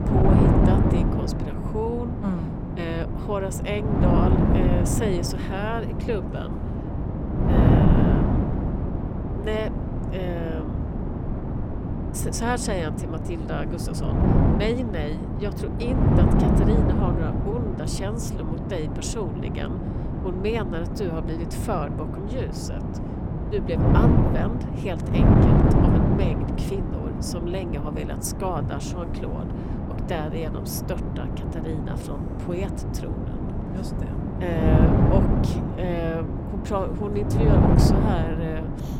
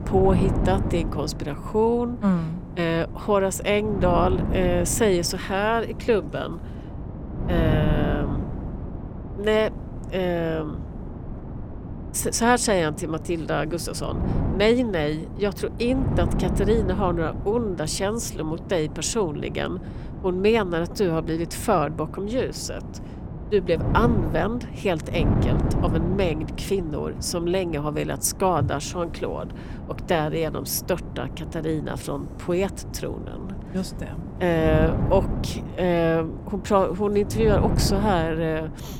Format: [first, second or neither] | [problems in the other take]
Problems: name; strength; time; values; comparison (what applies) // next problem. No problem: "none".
second | wind noise on the microphone; heavy; 1 dB above the speech; occasional gusts in the second